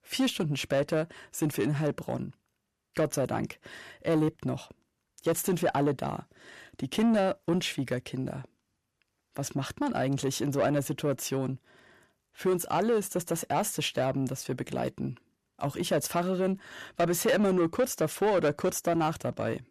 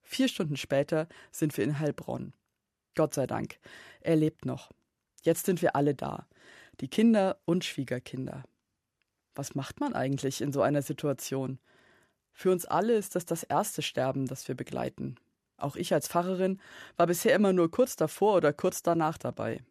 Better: second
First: distortion; slight; 10 dB below the speech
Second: none

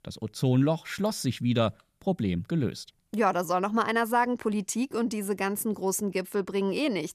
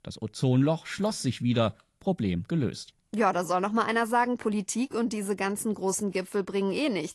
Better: first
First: none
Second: garbled, watery; slightly; nothing above 12 kHz

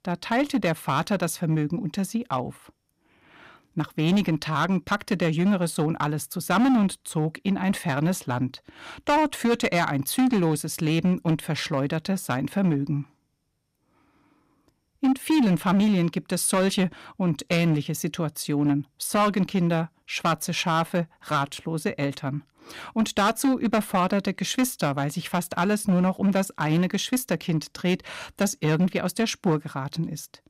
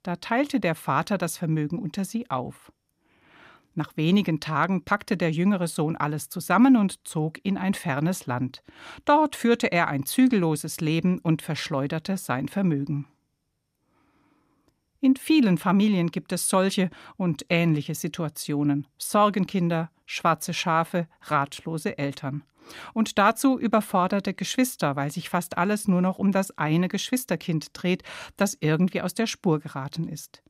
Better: second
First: distortion; slight; 7% of the sound clipped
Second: none

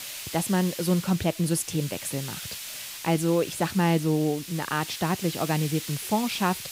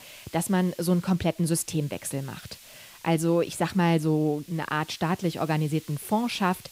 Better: second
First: hiss; loud; throughout; 9 dB below the speech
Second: hiss; faint; throughout; 20 dB below the speech

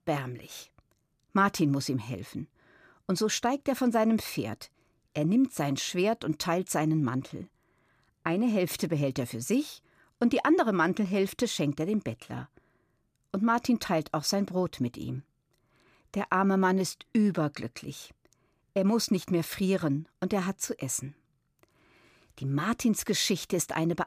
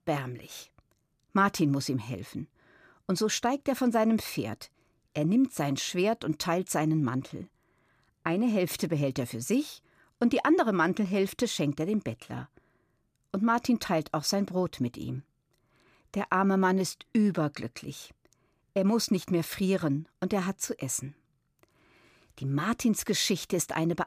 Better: neither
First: none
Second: none

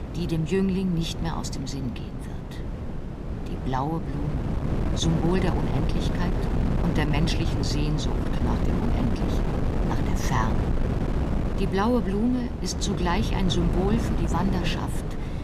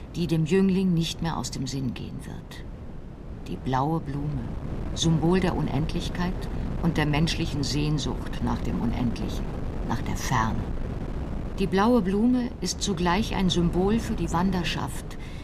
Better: second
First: wind noise on the microphone; heavy; 4 dB below the speech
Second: wind noise on the microphone; occasional gusts; 10 dB below the speech

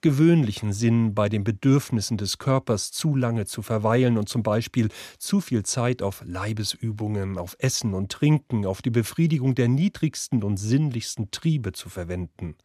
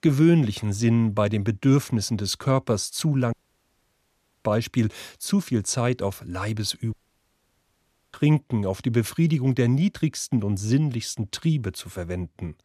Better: first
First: none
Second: audio cutting out; at 3.5 s for 1 s and at 7 s for 1 s

